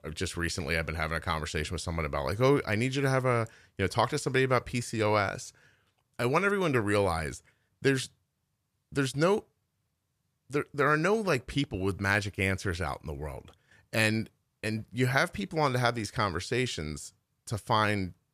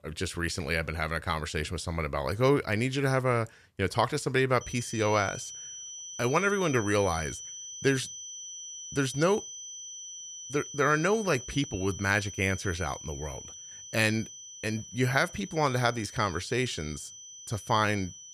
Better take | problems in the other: first | high-pitched whine; noticeable; from 4.5 s on; 6 kHz, 10 dB below the speech

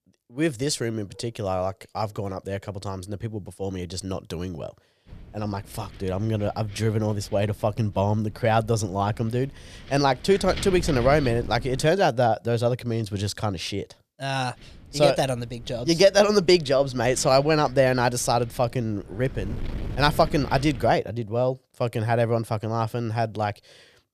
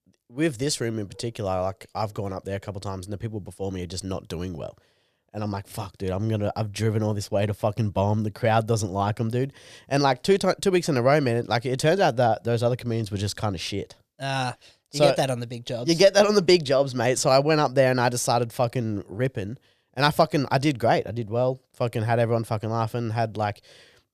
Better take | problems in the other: second | wind noise on the microphone; occasional gusts; from 5 to 12 s and from 15 to 21 s; 20 dB below the speech

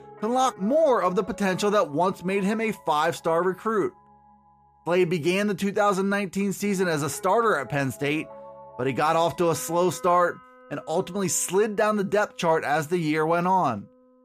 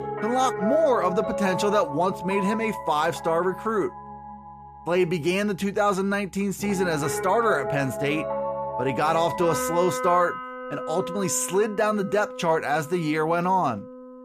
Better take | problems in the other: first | background music; loud; throughout; 8 dB below the speech; faint in the first

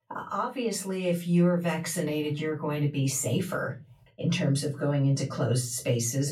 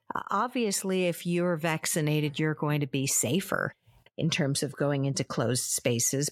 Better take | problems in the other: second | off-mic speech; far // room echo; very slight; dies away in 0.3 s

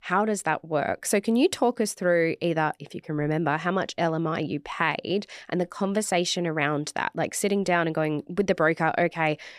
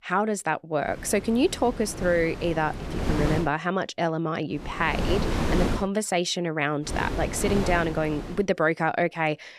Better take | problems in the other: first | wind noise on the microphone; heavy; from 1 to 3.5 s, from 4.5 to 6 s and from 7 to 8.5 s; 8 dB below the speech

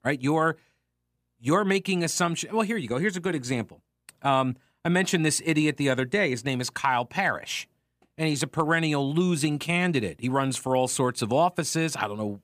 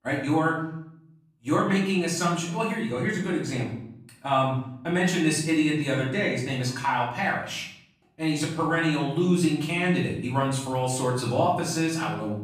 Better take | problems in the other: first | off-mic speech; far // room echo; noticeable; dies away in 0.7 s

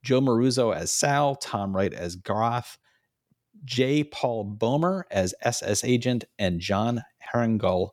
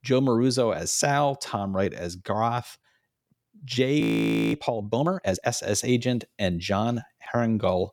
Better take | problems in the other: first | audio freezing; at 4 s for 0.5 s

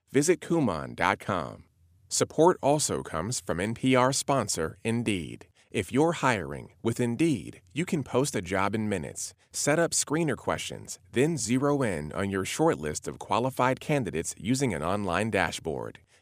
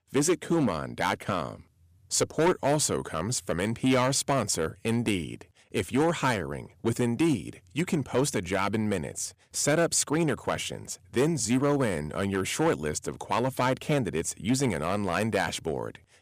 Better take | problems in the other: first | distortion; slight; 4% of the sound clipped

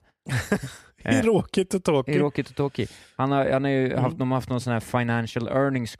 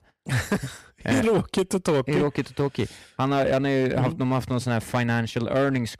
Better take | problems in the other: first | distortion; slight; 9% of the sound clipped

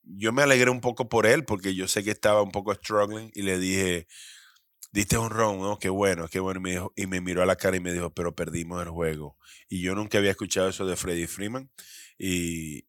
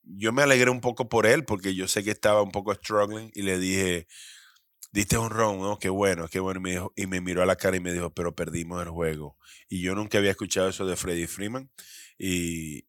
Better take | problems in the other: neither | none

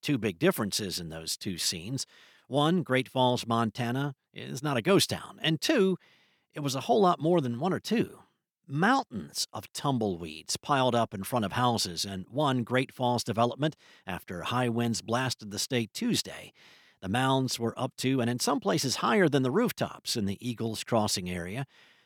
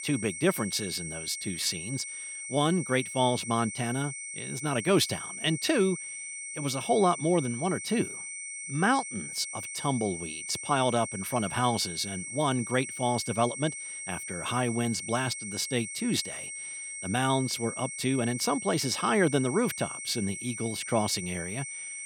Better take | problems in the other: first | high-pitched whine; loud; throughout; 2 kHz, 7 dB below the speech

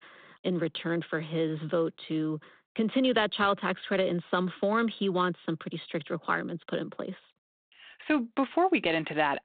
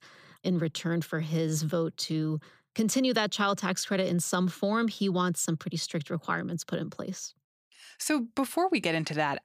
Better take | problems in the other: second | phone-call audio; nothing above 3.5 kHz

